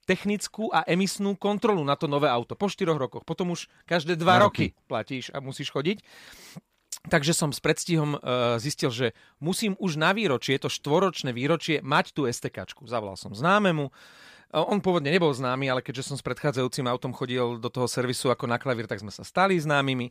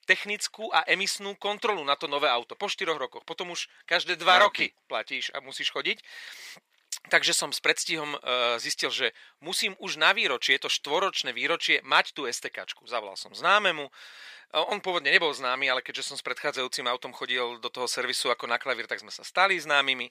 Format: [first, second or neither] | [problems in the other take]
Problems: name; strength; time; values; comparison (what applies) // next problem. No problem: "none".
first | thin; very; fading below 500 Hz